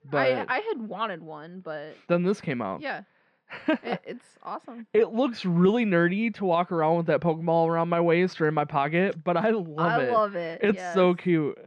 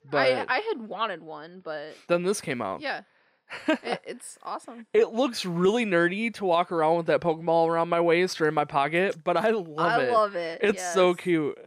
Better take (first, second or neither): second